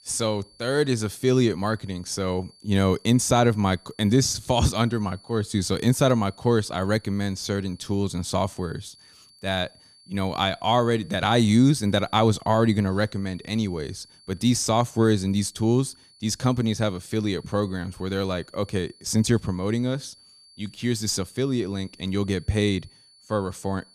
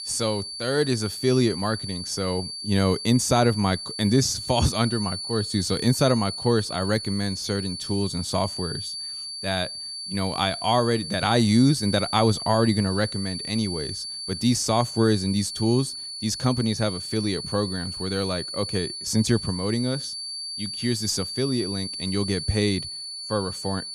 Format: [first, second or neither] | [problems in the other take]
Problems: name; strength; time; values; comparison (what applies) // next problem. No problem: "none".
first | high-pitched whine; loud; throughout; 4.5 kHz, 7 dB below the speech; faint in the first